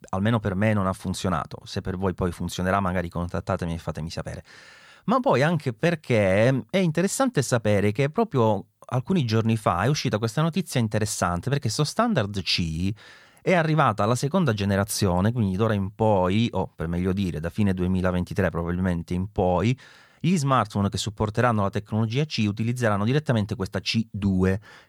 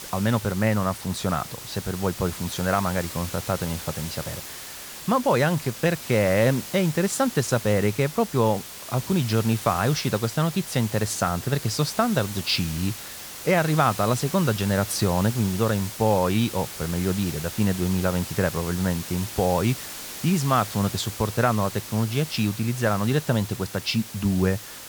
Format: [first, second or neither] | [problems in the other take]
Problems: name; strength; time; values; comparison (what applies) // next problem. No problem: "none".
first | hiss; noticeable; throughout; 10 dB below the speech